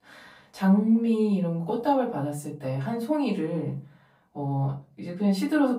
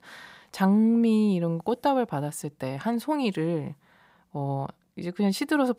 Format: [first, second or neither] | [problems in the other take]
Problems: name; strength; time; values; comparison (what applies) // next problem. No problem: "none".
second | off-mic speech; far // room echo; slight; dies away in 0.3 s